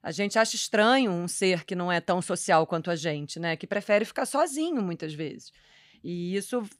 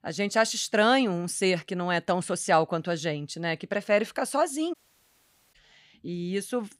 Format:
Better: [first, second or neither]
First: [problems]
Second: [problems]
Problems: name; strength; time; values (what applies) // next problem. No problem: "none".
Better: first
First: none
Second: audio cutting out; at 4.5 s for 1 s